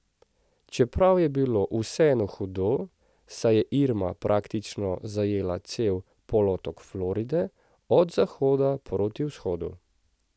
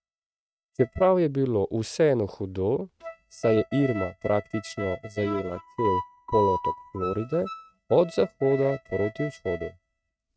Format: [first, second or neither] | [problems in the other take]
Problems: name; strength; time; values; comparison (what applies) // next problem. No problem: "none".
first | noise reduction (neural mask model RNNoise)